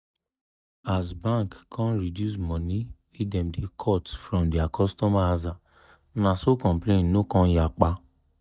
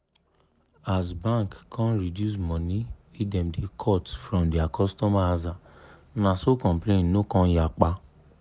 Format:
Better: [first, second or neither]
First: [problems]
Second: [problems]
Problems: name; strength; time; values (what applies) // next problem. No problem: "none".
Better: second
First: noise reduction (neural mask model DeepFilterNet 3)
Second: none